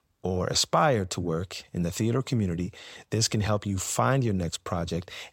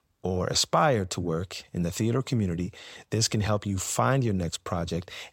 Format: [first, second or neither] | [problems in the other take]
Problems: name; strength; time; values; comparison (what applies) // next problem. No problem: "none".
neither | none